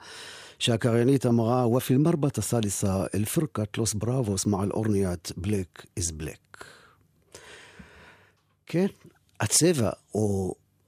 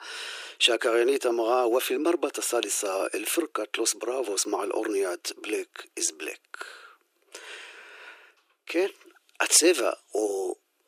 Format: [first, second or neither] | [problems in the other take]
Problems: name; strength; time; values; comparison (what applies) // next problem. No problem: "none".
first | thin; very; fading below 350 Hz